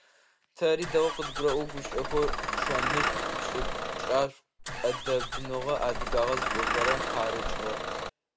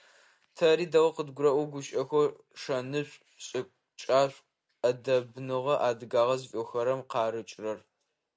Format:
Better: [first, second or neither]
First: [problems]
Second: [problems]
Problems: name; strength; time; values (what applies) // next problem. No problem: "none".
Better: second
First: background sound (Engine starting / Bus); as loud as the speech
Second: none